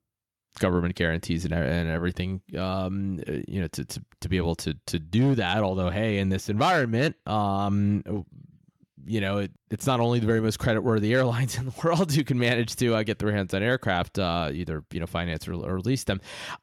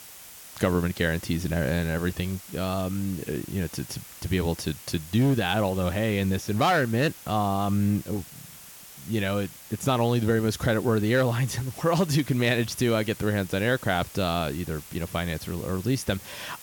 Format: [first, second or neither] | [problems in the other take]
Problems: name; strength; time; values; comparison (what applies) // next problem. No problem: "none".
first | hiss; noticeable; throughout; 15 dB below the speech